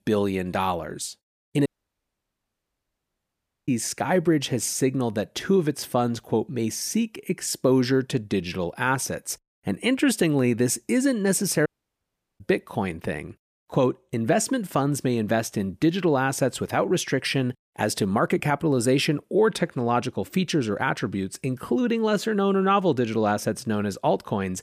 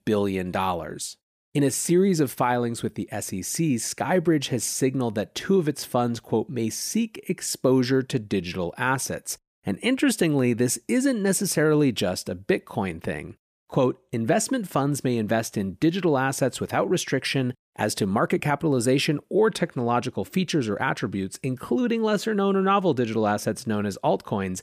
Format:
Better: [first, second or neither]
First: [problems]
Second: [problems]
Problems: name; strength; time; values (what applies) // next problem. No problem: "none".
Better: second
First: audio cutting out; at 1.5 s for 2 s and at 12 s for 0.5 s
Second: none